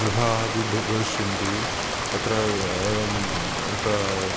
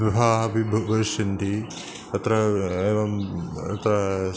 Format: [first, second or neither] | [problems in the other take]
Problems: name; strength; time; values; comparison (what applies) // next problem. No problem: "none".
second | background sound (Rain); as loud as the speech